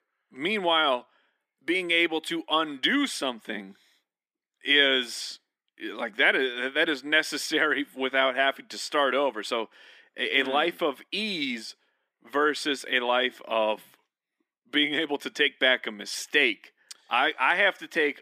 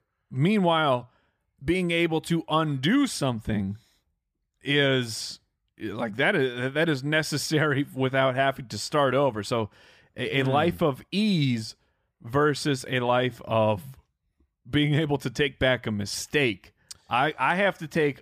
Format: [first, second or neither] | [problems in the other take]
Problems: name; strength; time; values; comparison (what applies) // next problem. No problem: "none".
second | thin; somewhat; fading below 250 Hz